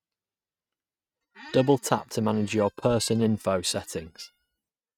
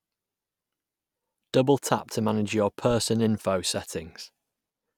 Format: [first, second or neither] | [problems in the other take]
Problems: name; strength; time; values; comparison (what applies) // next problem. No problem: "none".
second | noise reduction (neural mask model RNNoise)